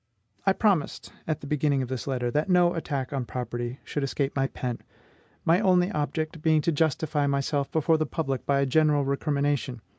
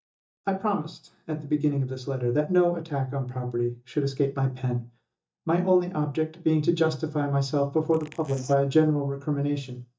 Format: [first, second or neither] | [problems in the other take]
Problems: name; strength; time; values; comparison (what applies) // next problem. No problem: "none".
first | noise reduction (neural mask model DeepFilterNet 3)